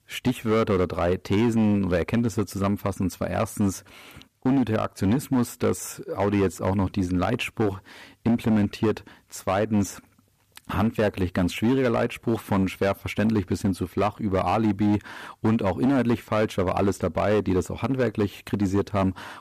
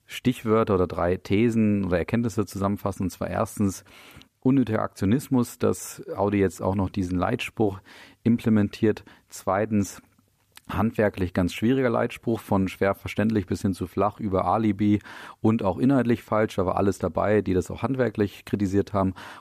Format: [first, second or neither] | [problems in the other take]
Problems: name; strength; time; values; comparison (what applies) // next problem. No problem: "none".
second | distortion; slight; 9% of the sound clipped